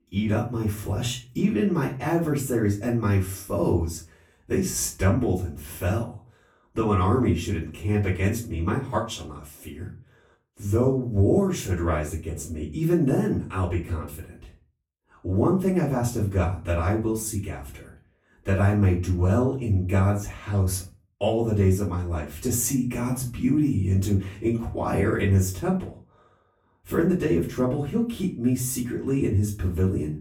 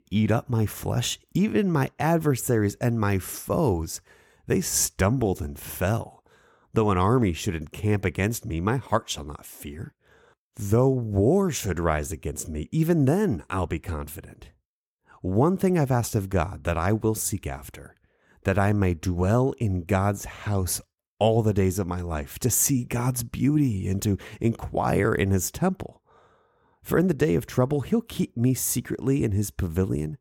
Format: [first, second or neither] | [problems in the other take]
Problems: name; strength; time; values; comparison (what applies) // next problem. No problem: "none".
second | off-mic speech; far // room echo; slight; dies away in 0.3 s